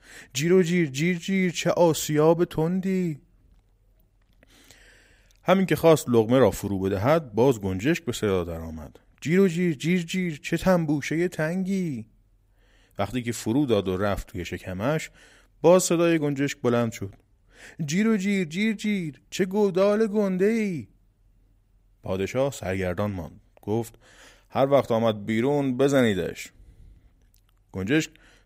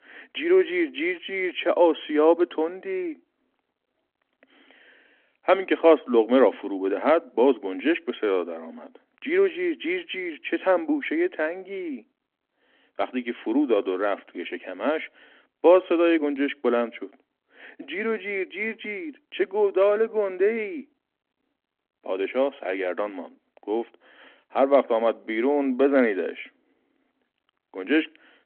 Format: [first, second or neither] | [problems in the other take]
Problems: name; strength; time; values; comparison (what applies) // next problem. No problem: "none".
first | phone-call audio